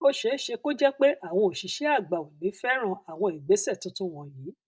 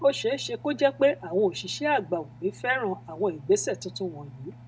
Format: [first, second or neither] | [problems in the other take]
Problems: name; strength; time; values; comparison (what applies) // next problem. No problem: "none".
first | background sound (Engine); 20 dB below the speech